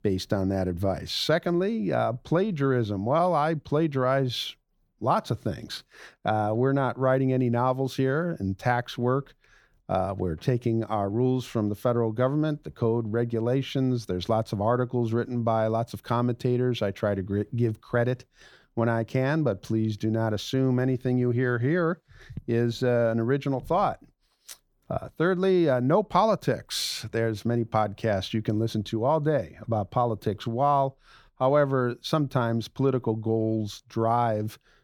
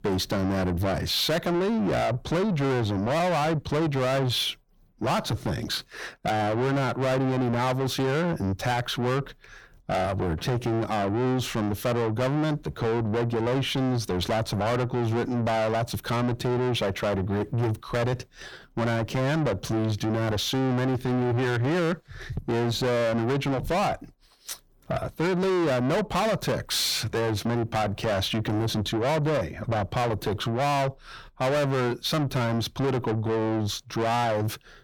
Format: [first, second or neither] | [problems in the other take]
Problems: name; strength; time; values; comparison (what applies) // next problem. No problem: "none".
first | distortion; heavy; 5 dB below the speech